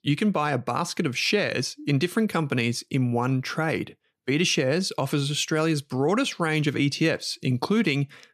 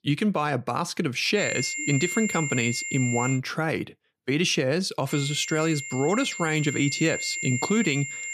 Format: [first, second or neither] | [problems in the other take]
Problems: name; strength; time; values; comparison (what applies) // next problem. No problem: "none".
first | high-pitched whine; loud; from 1.5 to 3.5 s and from 5 s on; 2 kHz, 5 dB below the speech